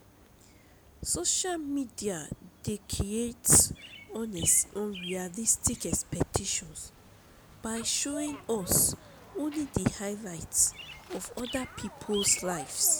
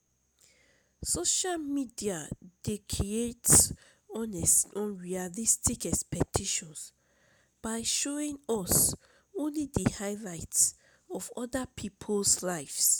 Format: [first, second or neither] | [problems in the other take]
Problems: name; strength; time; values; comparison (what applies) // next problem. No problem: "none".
second | background sound (Bird vocalization, bird call, bird song); 16 dB below the speech